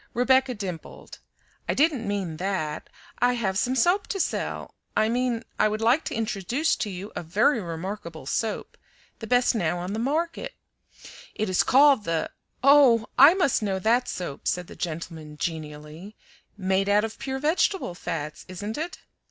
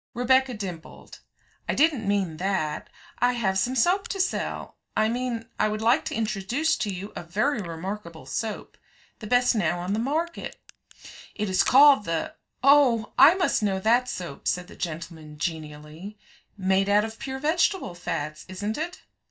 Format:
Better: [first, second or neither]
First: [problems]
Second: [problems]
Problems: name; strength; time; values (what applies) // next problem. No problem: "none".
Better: first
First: none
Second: noise reduction (neural mask model DeepFilterNet 3)